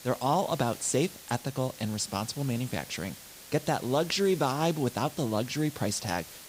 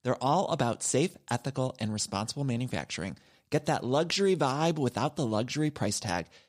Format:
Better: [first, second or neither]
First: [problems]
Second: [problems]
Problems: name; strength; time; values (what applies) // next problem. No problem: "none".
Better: second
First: hiss; noticeable; throughout; 15 dB below the speech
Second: none